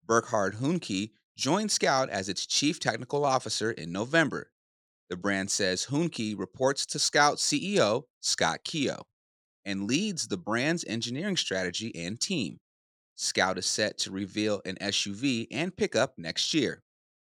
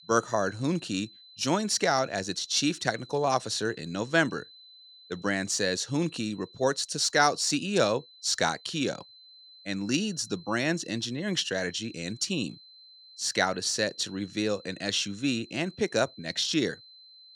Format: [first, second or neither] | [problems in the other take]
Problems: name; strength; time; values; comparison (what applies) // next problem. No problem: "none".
first | high-pitched whine; faint; throughout; 4 kHz, 20 dB below the speech